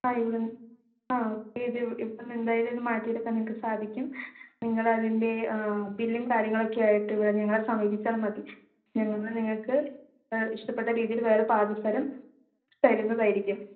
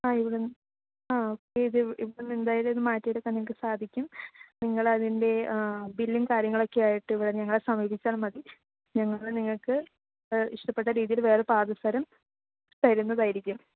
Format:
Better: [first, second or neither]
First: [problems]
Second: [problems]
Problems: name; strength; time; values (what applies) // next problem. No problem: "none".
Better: second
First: room echo; dies away in 0.5 s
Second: none